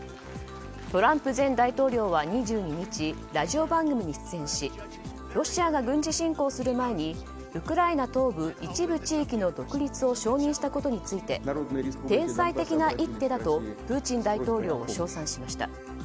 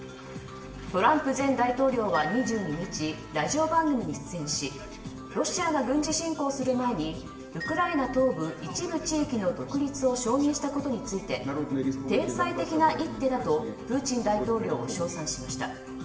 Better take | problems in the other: first | background sound (Glockenspiel); 17 dB below the speech // room echo; dies away in 0.8 s

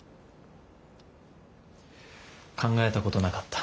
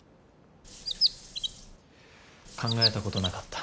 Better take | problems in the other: first | background sound (Chirp, tweet); 4 dB above the speech

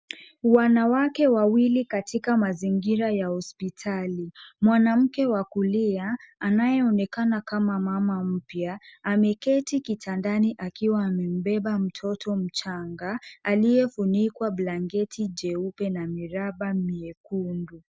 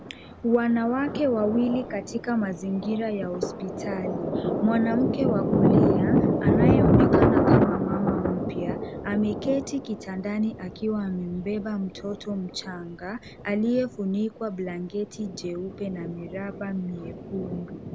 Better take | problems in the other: first | background sound (Thunder); 1 dB above the speech

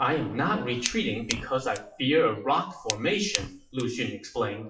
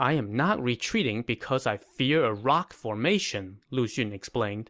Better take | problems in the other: second | noise reduction (classical method WPE with log-MMSE)

